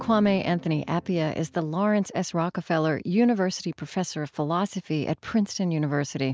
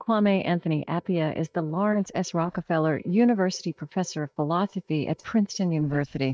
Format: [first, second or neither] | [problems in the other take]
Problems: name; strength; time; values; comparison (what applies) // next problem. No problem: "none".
first | noise reduction (neural mask model DeepFilterNet 3)